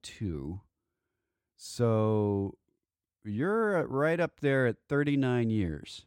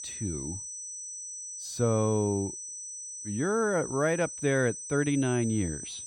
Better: first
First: none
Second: high-pitched whine; loud; throughout; 6 kHz, 8 dB below the speech

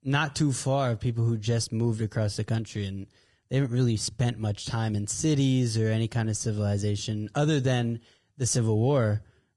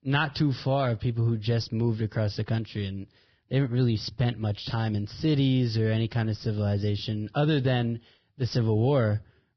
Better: first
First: garbled, watery; slightly; nothing above 10.5 kHz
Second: garbled, watery; badly; nothing above 5.5 kHz

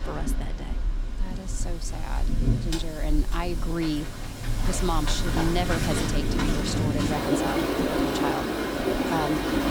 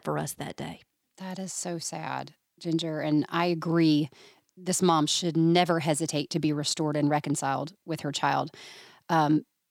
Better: second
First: rain or running water; very loud; throughout; 4 dB above the speech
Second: none

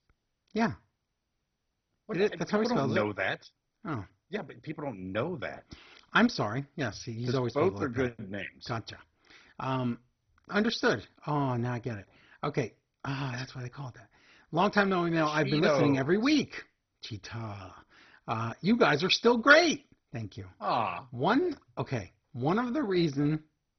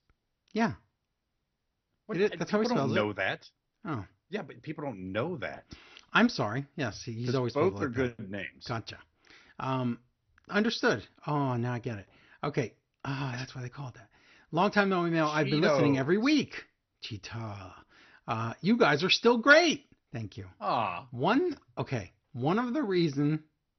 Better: second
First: garbled, watery; badly; nothing above 6 kHz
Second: garbled, watery; slightly; nothing above 6 kHz

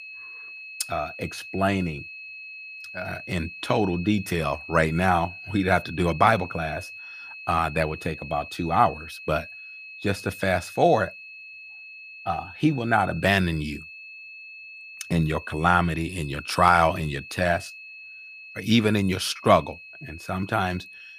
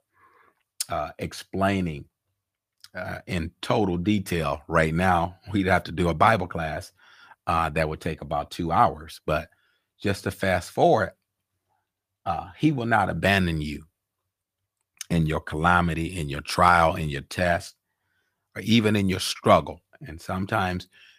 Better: second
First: high-pitched whine; noticeable; throughout; 2.5 kHz, 15 dB below the speech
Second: none

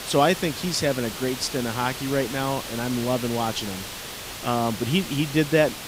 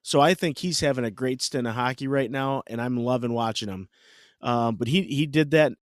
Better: second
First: hiss; loud; throughout; 8 dB below the speech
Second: none

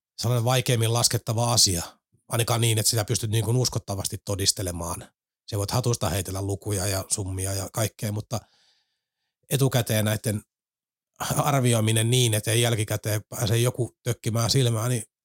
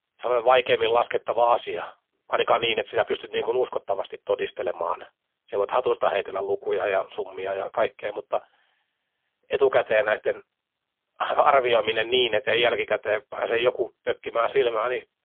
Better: first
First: none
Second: phone-call audio; poor line; nothing above 3.5 kHz

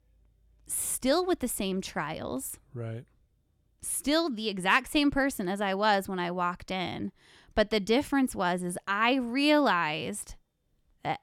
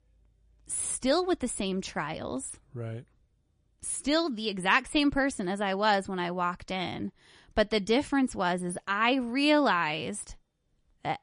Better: first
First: none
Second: garbled, watery; slightly; nothing above 10.5 kHz

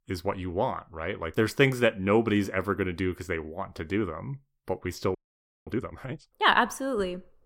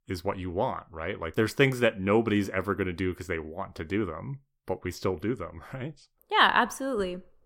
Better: second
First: audio freezing; at 5 s for 0.5 s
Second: none

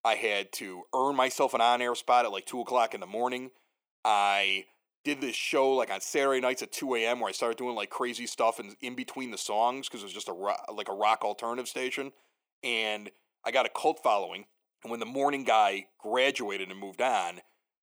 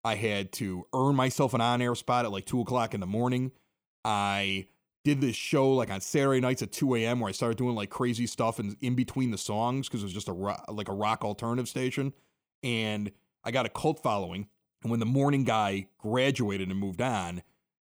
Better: second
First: thin; very; fading below 350 Hz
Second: none

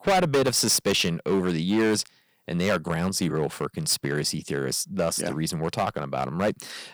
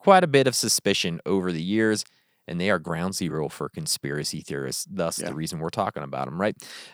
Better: second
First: distortion; heavy; 6% of the sound clipped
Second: none

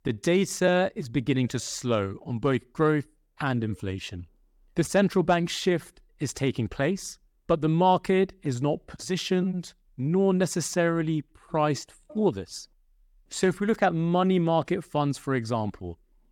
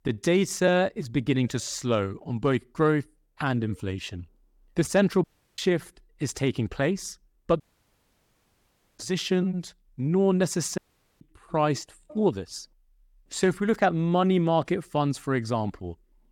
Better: first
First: none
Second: audio cutting out; at 5 s, at 7.5 s for 1.5 s and at 11 s

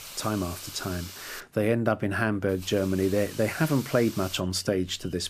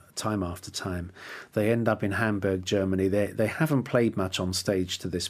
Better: second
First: hiss; noticeable; until 1.5 s and from 2.5 s on; 15 dB below the speech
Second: none

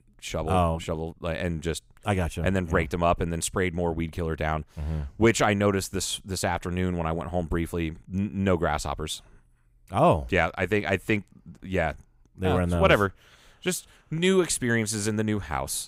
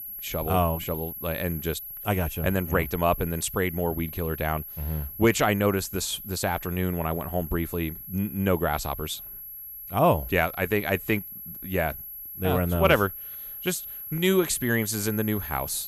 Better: first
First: none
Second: high-pitched whine; loud; throughout; 11.5 kHz, 9 dB below the speech

